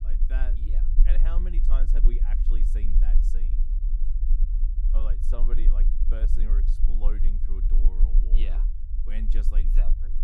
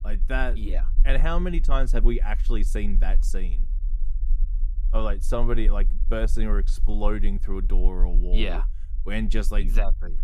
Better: second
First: low rumble; loud; throughout; 5 dB below the speech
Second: low rumble; faint; throughout; 20 dB below the speech

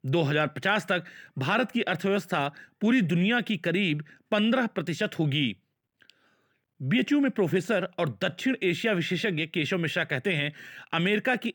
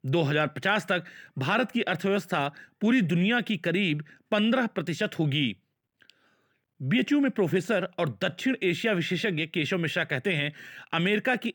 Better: neither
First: none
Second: none

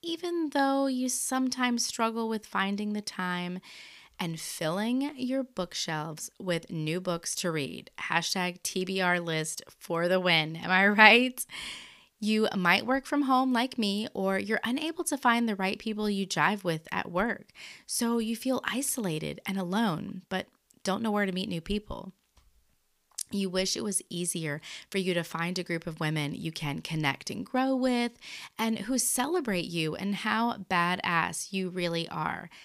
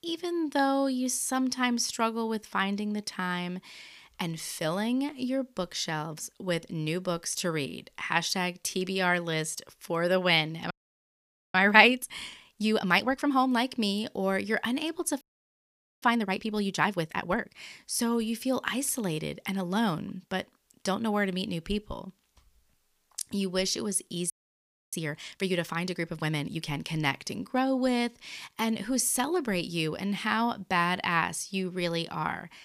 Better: first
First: none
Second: audio freezing; at 11 s for 1 s, at 15 s for 1 s and at 24 s for 0.5 s

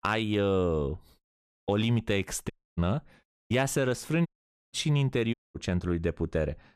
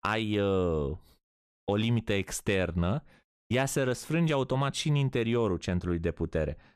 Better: second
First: audio cutting out; at 2.5 s, at 4.5 s and at 5.5 s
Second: none

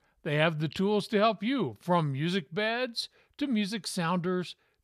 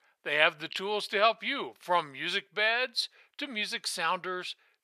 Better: first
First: none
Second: thin; very; fading below 550 Hz

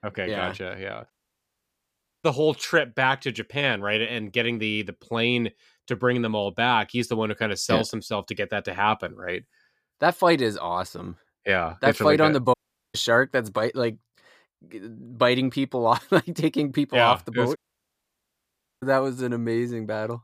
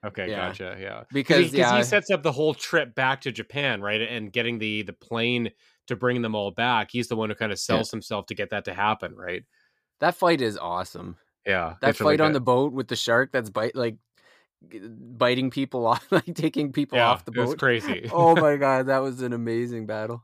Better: second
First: audio cutting out; at 1 s for 1 s, at 13 s and at 18 s for 1.5 s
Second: none

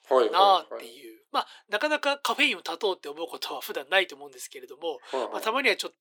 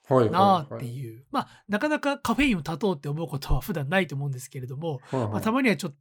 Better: second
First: thin; very; fading below 350 Hz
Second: none

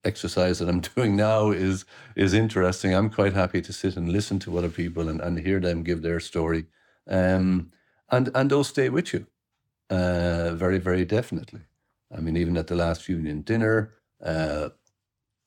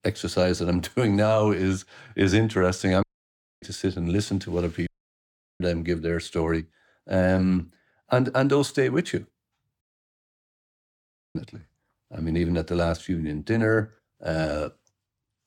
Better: first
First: none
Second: audio cutting out; at 3 s for 0.5 s, at 5 s for 0.5 s and at 10 s for 1.5 s

